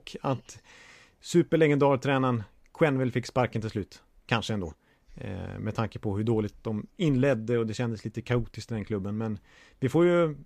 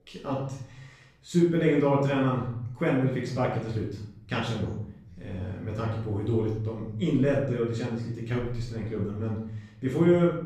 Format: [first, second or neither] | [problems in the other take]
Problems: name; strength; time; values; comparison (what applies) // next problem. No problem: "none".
first | off-mic speech; far // room echo; noticeable; dies away in 0.8 s